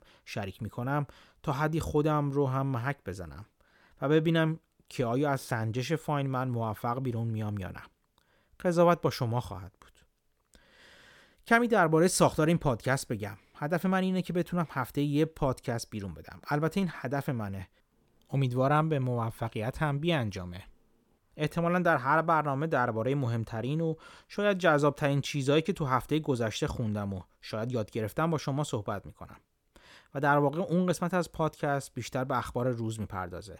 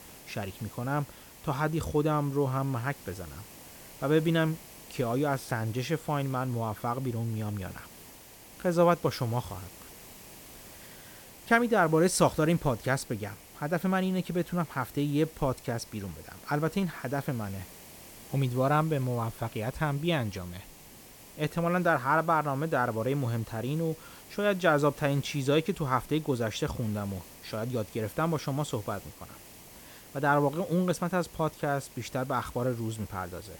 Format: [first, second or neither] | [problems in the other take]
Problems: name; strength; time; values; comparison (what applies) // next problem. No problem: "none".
first | hiss; noticeable; throughout; 20 dB below the speech